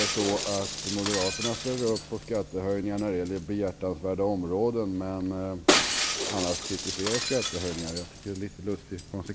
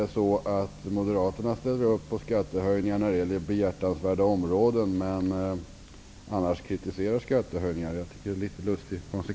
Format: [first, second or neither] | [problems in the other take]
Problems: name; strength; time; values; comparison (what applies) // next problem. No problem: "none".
second | background sound (Shatter); 2 dB below the speech